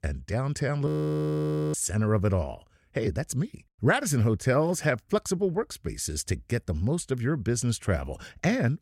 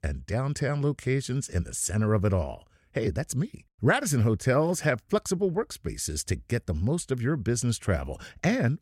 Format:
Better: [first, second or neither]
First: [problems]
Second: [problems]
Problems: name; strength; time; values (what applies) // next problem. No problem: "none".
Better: second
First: audio freezing; at 1 s for 1 s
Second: none